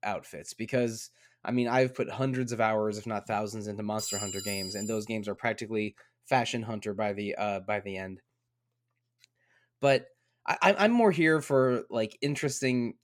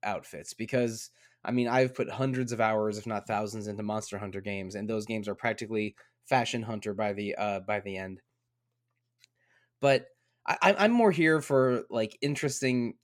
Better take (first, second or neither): second